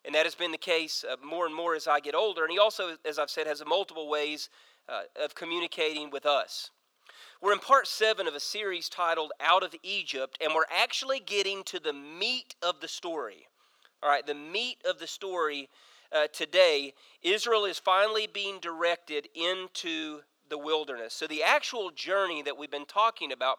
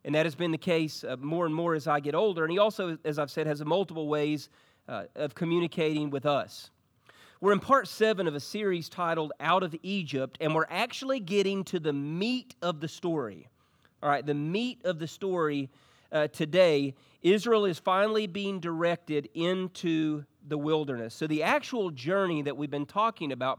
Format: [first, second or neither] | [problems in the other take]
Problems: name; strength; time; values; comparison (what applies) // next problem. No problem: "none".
second | thin; very; fading below 500 Hz